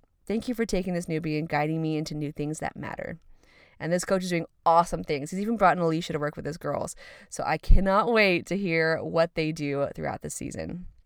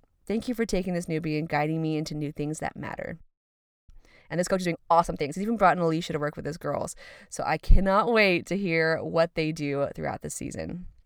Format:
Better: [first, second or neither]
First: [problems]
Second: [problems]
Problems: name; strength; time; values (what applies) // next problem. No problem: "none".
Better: first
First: none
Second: audio freezing; at 3 s for 0.5 s